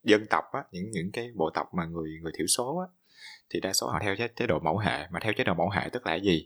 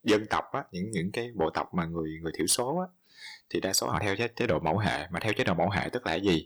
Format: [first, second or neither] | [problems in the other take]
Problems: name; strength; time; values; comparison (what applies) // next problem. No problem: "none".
first | distortion; slight; 10 dB below the speech